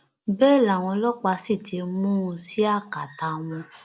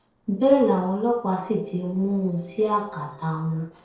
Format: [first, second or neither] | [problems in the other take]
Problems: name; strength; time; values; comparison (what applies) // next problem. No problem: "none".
first | noise reduction (neural separator model SepFormer DNS4)